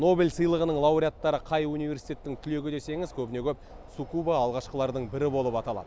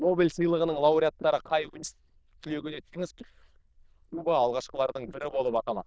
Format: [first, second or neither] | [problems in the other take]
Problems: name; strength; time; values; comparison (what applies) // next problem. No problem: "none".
first | noise reduction (neural diffusion model UNIVERSE++)